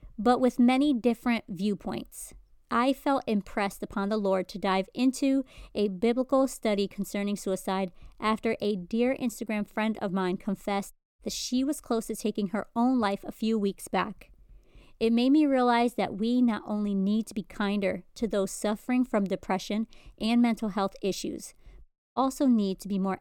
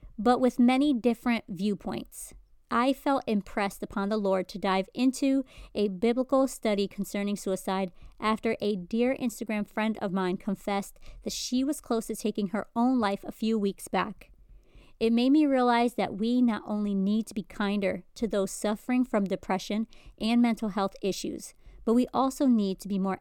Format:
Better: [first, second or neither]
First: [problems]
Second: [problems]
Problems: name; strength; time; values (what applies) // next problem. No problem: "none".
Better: second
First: audio cutting out; at 11 s and at 22 s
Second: none